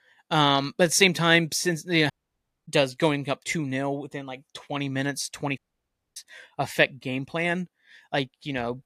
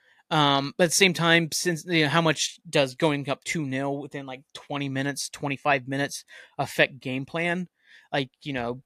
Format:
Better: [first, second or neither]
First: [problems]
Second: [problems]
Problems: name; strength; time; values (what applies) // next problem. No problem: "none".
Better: second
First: audio cutting out; at 2 s for 0.5 s and at 5.5 s for 0.5 s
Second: none